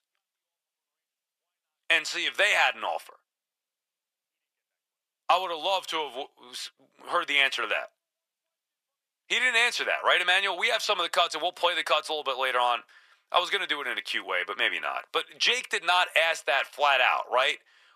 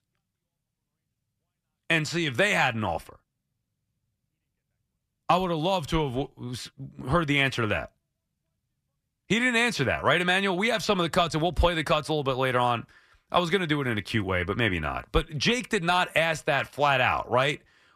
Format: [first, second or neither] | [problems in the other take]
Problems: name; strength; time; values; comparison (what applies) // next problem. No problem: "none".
second | thin; very; fading below 550 Hz